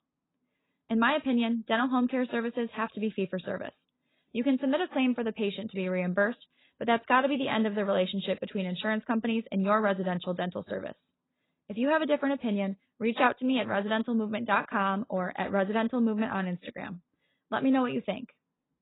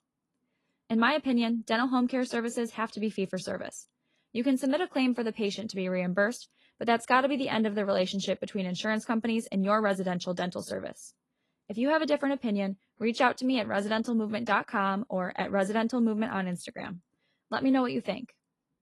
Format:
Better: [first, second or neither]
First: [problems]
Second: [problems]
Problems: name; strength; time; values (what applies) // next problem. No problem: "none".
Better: second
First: garbled, watery; badly; nothing above 4 kHz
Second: garbled, watery; slightly; nothing above 11.5 kHz